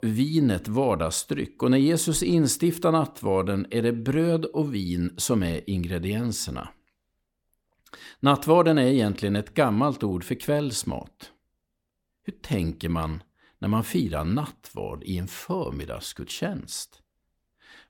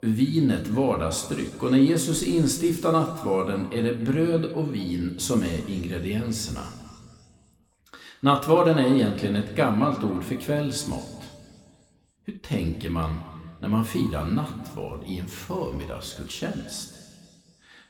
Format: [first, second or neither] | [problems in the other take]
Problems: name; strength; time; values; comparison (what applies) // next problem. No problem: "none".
first | room echo; slight; dies away in 1.8 s